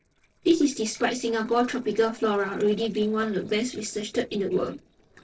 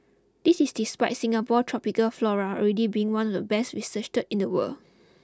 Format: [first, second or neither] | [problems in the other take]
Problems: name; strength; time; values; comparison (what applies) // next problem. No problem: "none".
second | noise reduction (neural separator model SepFormer DNS4)